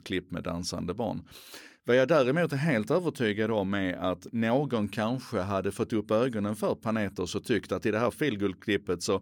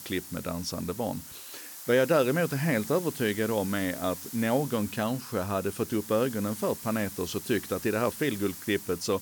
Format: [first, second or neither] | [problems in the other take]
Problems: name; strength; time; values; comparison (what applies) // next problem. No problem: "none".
first | hiss; noticeable; throughout; 10 dB below the speech